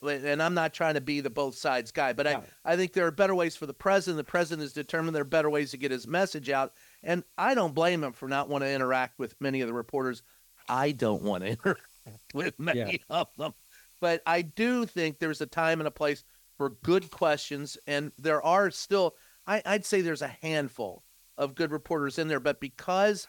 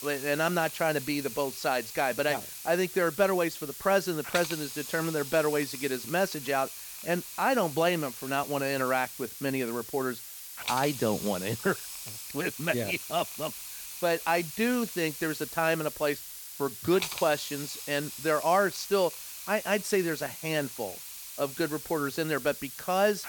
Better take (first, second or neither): first